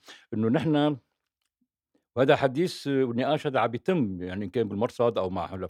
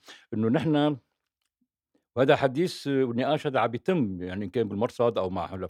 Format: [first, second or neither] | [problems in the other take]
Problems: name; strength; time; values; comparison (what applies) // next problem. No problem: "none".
neither | none